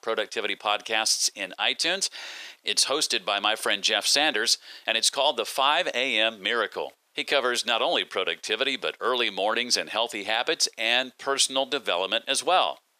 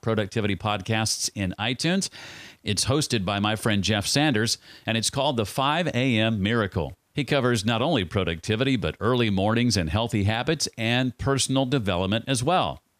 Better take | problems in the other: second | thin; very; fading below 450 Hz

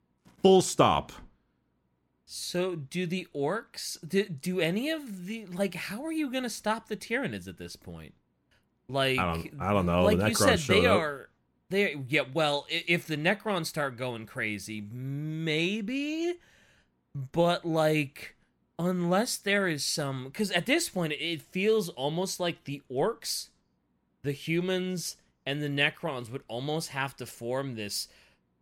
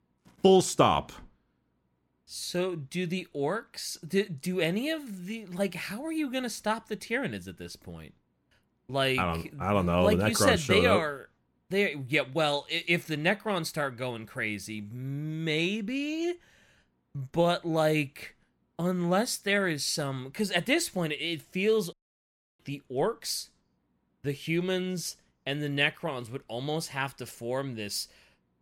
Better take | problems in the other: first | audio cutting out; at 22 s for 0.5 s

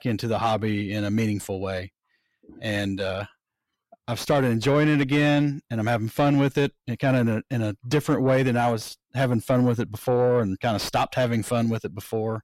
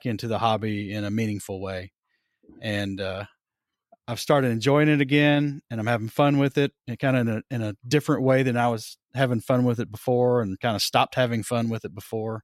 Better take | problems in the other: second | distortion; slight; 9 dB below the speech

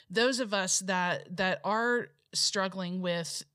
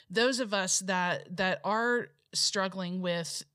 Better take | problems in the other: neither | none

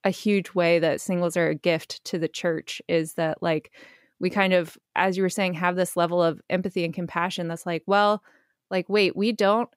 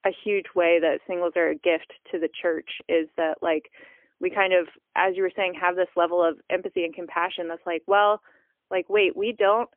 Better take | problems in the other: first | phone-call audio; poor line; nothing above 3.5 kHz

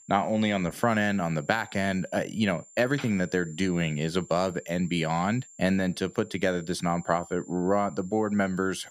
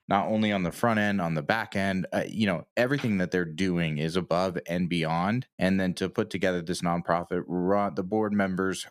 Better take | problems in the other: second | high-pitched whine; faint; throughout; 7.5 kHz, 20 dB below the speech

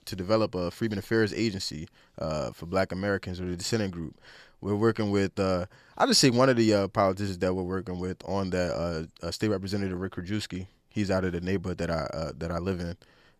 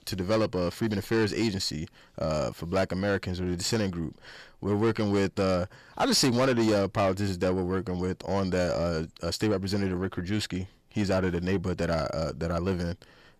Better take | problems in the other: first | distortion; slight; 10 dB below the speech

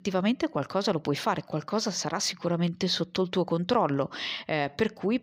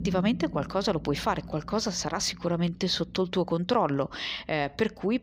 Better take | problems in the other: first | low rumble; faint; throughout; 20 dB below the speech

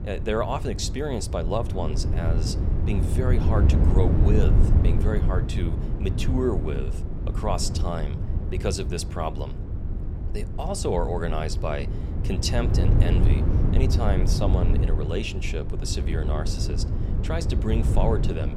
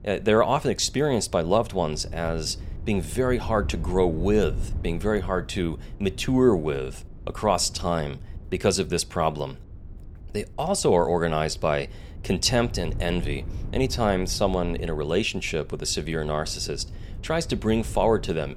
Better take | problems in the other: second | low rumble; loud; throughout; 6 dB below the speech; faint in the second

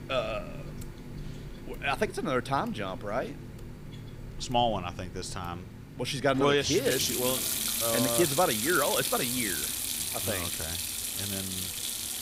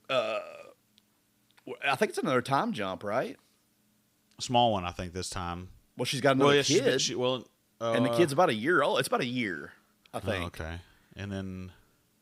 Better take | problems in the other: second | household noises; loud; throughout; as loud as the speech

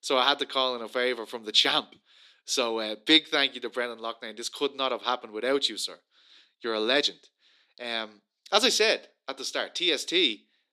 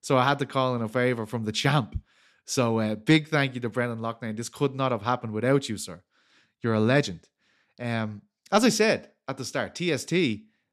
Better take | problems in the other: second | thin; somewhat; fading below 350 Hz

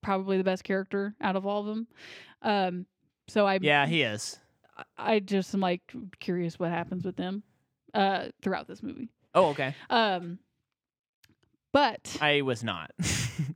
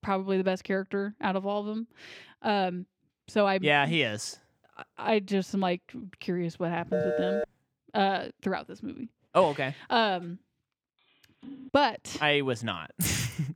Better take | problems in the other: first | phone ringing; noticeable; at 7 s; peak level with the speech // phone ringing; faint; at 11 s; peak 15 dB below the speech // jangling keys; noticeable; at 13 s; peak 6 dB below the speech

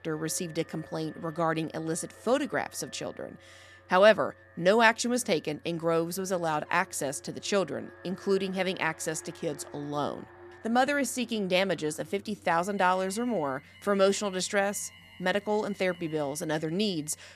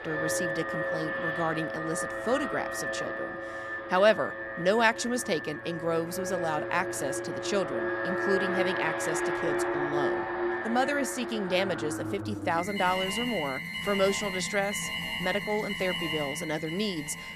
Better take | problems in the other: first | alarms or sirens; loud; throughout; 2 dB below the speech; faint in the first

